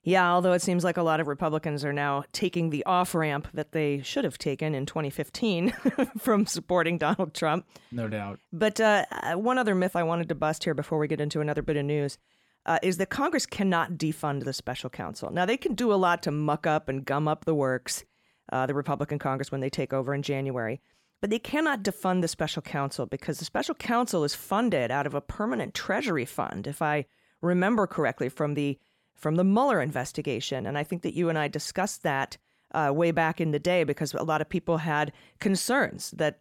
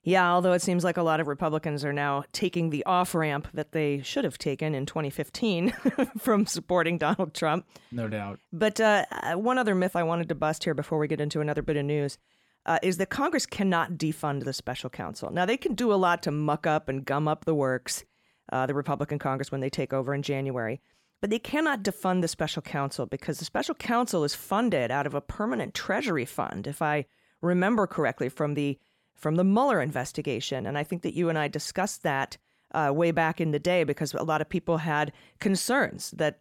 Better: neither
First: none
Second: none

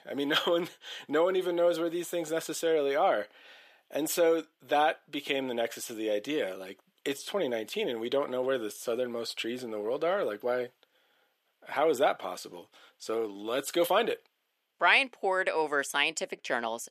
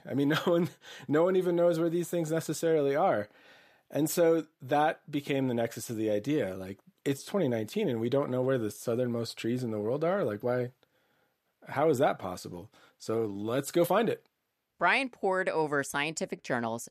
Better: second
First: thin; somewhat; fading below 400 Hz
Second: none

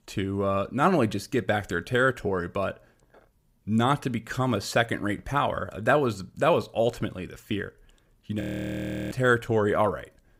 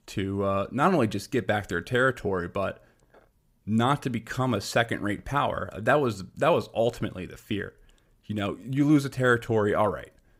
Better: second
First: audio freezing; at 8.5 s for 0.5 s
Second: none

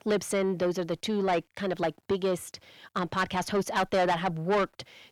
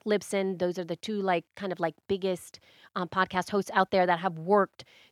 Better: second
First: distortion; heavy; 7 dB below the speech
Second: none

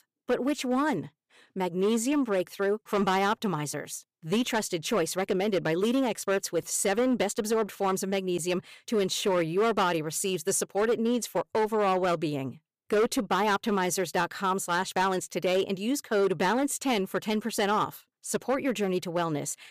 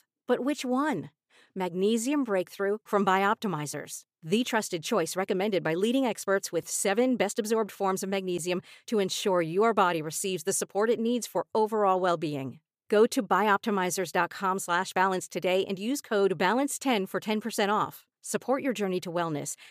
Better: second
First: distortion; slight; 7% of the sound clipped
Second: none

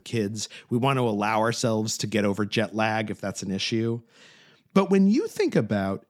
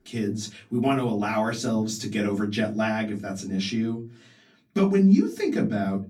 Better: first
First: none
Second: off-mic speech; far // room echo; very slight; dies away in 0.3 s

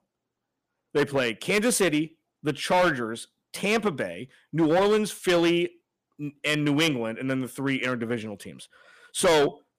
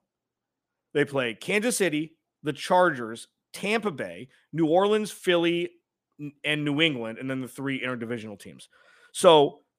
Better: second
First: distortion; heavy; 6% of the sound clipped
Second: none

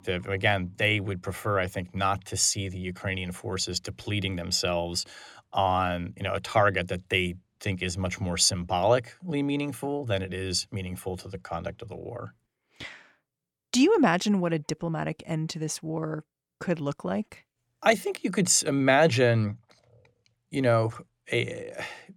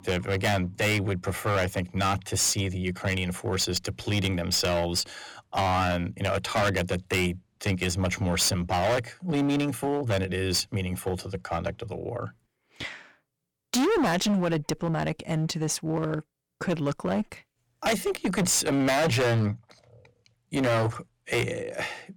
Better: first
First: none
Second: distortion; heavy; 14% of the sound clipped

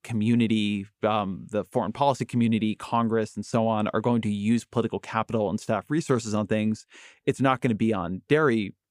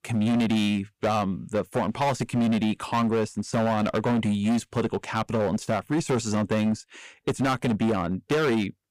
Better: first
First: none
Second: distortion; heavy; 17% of the sound clipped

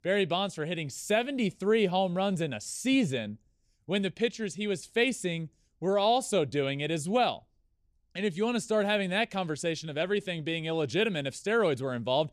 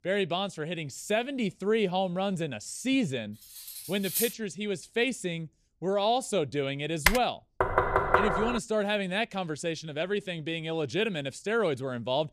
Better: first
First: none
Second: clattering dishes; loud; at 3.5 s; peak level with the speech // keyboard typing; loud; at 7 s; peak 4 dB above the speech // door banging; loud; at 7.5 s; peak 5 dB above the speech

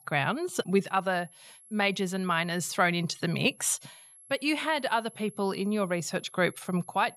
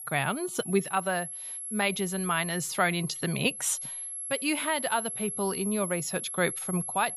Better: first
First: high-pitched whine; faint; throughout; 11 kHz, 25 dB below the speech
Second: high-pitched whine; loud; throughout; 11 kHz, 5 dB below the speech

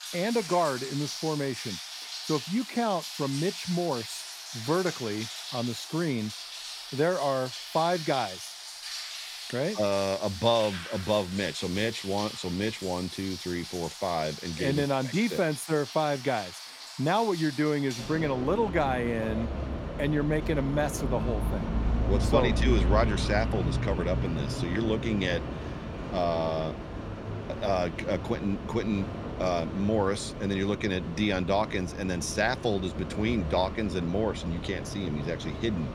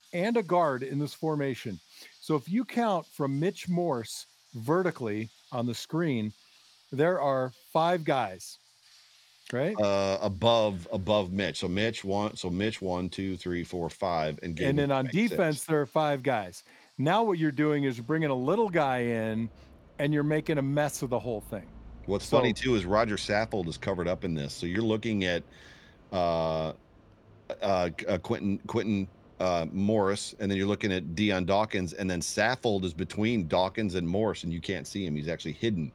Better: second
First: rain or running water; loud; throughout; 6 dB below the speech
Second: rain or running water; faint; throughout; 25 dB below the speech

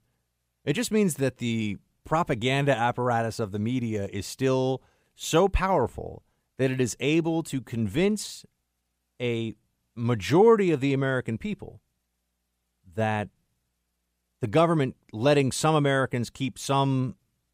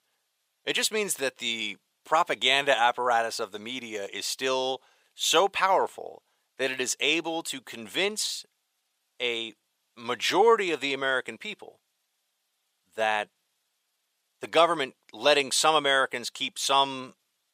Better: first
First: none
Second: thin; very; fading below 650 Hz

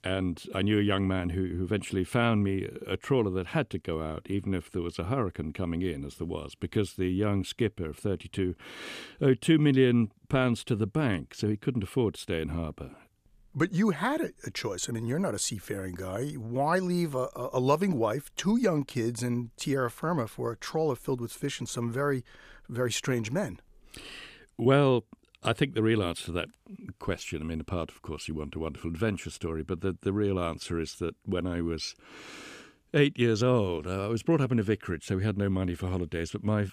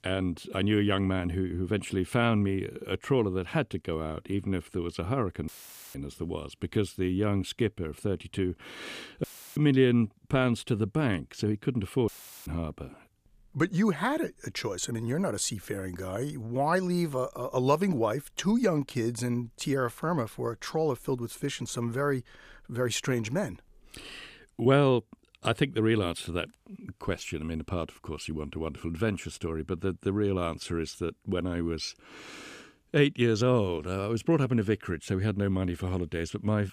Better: first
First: none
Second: audio cutting out; filled with static; at 5.5 s, at 9 s and at 12 s

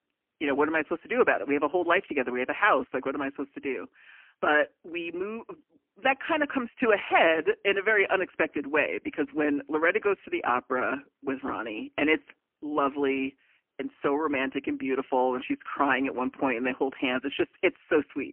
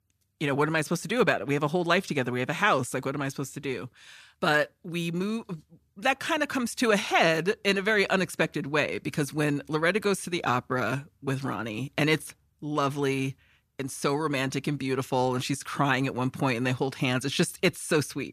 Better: second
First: phone-call audio; poor line; nothing above 3 kHz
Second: none

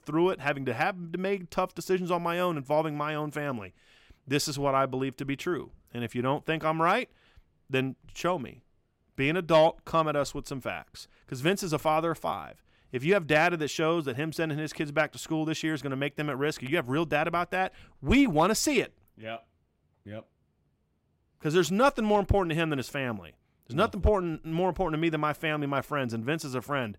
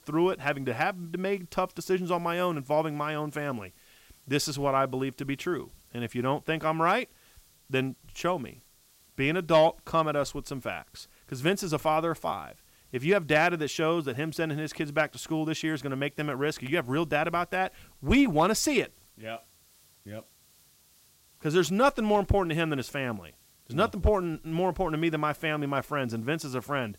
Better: first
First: none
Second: hiss; faint; throughout; 30 dB below the speech

